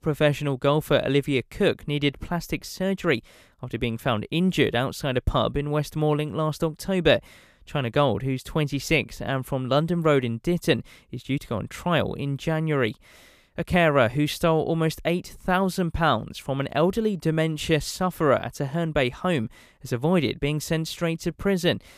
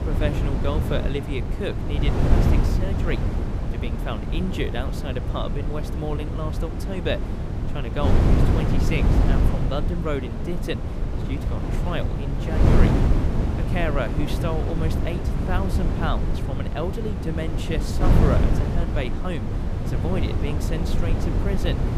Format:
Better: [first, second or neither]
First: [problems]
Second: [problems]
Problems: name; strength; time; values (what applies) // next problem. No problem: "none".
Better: first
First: none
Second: wind noise on the microphone; heavy; 1 dB below the speech